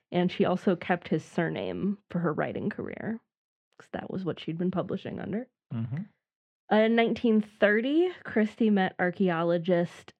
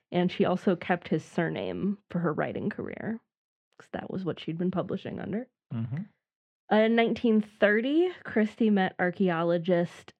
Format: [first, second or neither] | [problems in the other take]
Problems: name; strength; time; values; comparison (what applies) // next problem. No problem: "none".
neither | muffled; slightly; fading above 2.5 kHz; the same in both